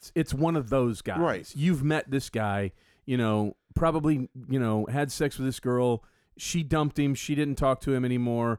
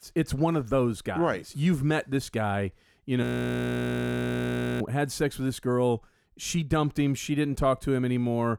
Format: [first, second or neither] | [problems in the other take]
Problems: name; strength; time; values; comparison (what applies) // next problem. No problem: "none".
first | audio freezing; at 3 s for 1.5 s